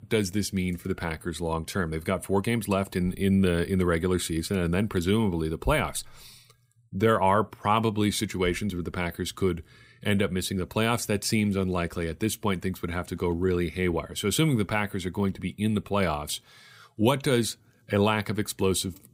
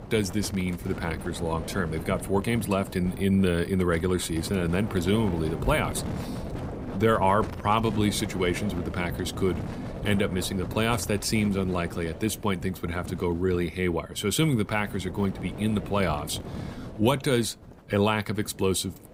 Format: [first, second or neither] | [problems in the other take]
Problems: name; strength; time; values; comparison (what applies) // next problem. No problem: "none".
first | wind noise on the microphone; occasional gusts; 15 dB below the speech